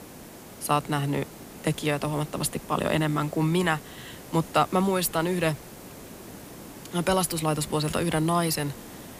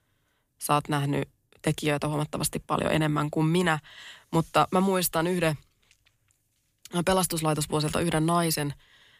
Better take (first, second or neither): second